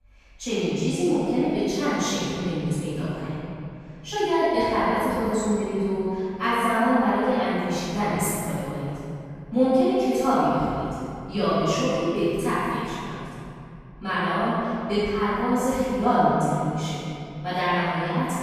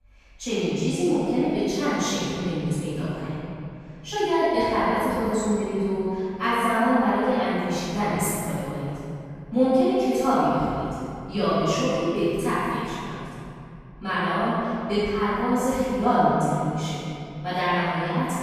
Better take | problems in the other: neither | room echo; strong; dies away in 2.6 s; the same in both // off-mic speech; far; the same in both

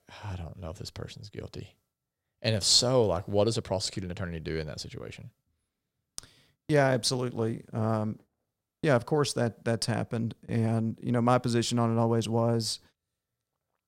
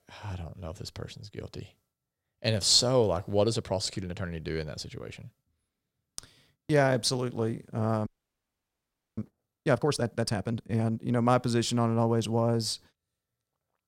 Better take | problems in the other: first | audio freezing; at 8 s for 1 s

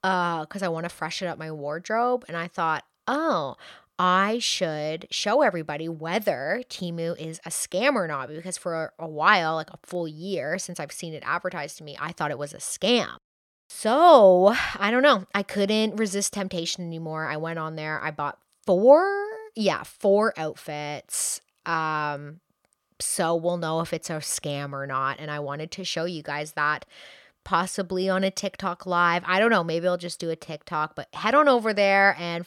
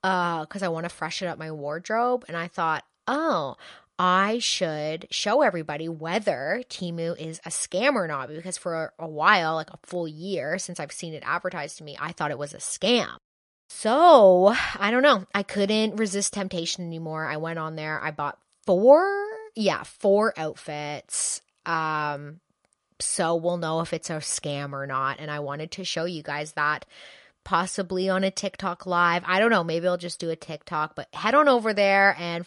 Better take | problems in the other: first | garbled, watery; slightly; nothing above 10.5 kHz

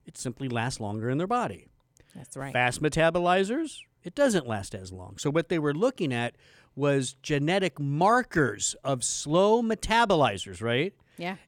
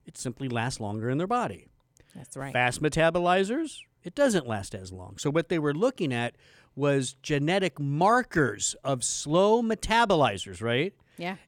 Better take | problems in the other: neither | none

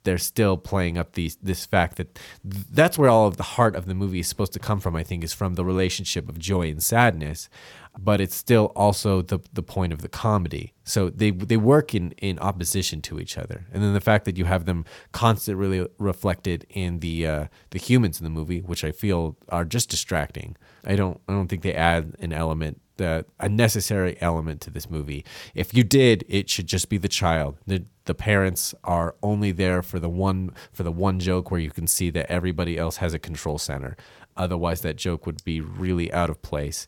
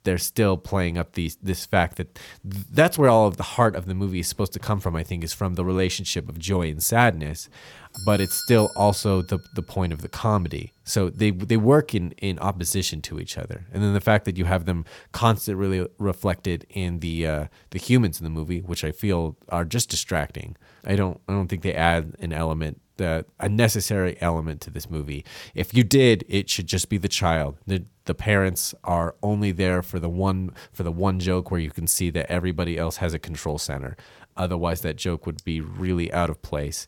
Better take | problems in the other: first | doorbell; noticeable; at 8 s; peak 4 dB below the speech

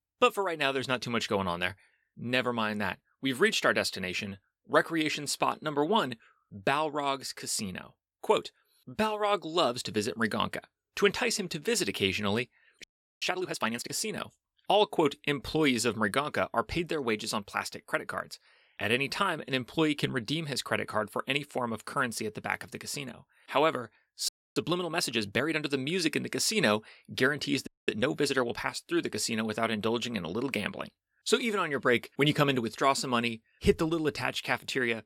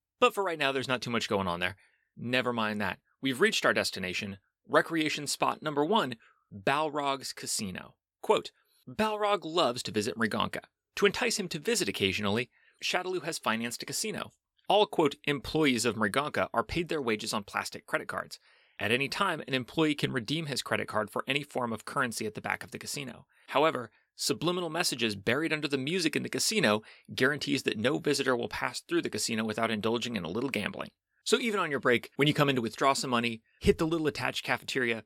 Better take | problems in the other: second | audio freezing; at 13 s, at 24 s and at 28 s

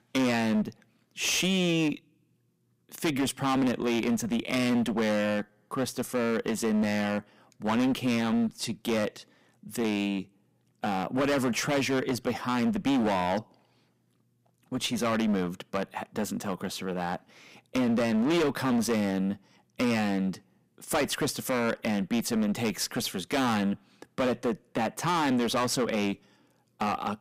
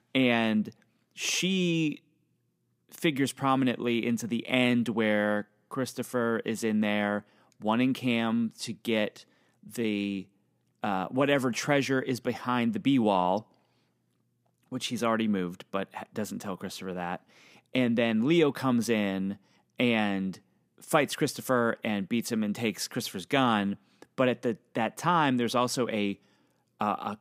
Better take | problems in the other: second | distortion; heavy; 14% of the sound clipped

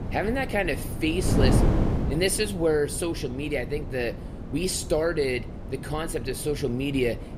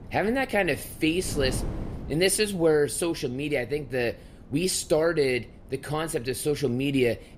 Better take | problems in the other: second | wind noise on the microphone; heavy; 8 dB below the speech; occasional gusts in the second

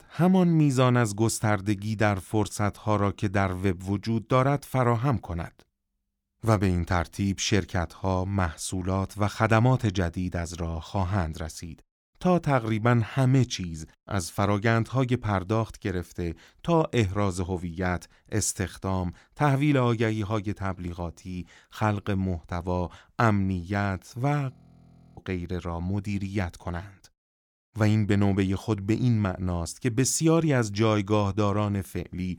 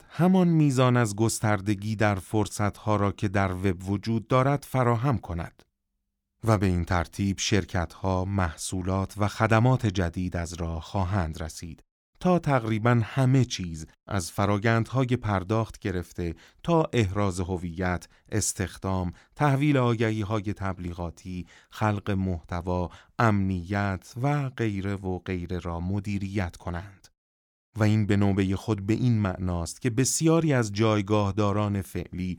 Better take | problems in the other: second | audio freezing; at 25 s for 0.5 s

